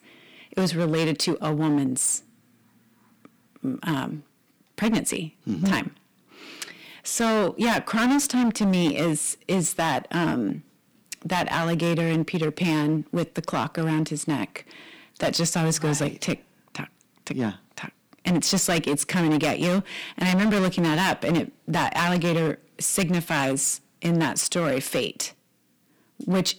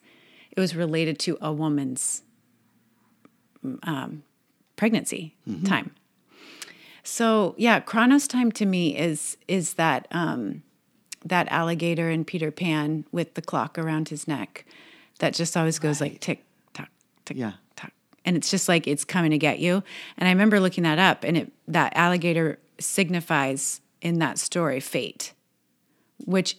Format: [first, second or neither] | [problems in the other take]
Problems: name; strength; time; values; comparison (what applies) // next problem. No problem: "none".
second | distortion; heavy; 11% of the sound clipped